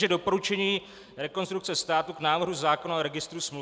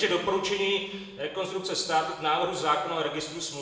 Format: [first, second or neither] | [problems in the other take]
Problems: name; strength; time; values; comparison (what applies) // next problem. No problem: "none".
first | room echo; dies away in 1.1 s